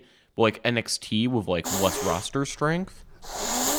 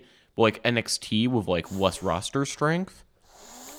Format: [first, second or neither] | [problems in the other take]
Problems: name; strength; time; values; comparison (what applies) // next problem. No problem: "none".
second | hiss; loud; from 1.5 s on; 4 dB below the speech; faint in the second